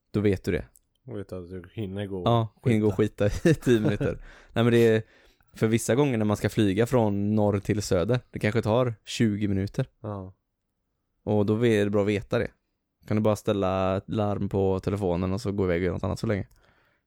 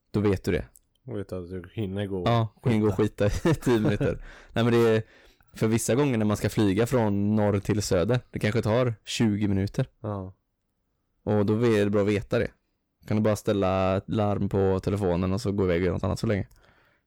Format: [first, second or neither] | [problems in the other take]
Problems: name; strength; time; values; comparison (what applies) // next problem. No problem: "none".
first | distortion; slight; 10 dB below the speech